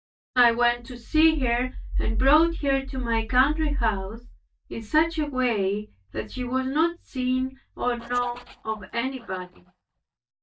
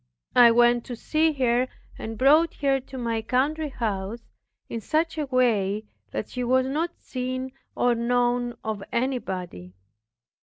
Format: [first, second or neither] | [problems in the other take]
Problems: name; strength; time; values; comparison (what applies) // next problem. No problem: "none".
second | noise reduction (neural mask model DeepFilterNet 3)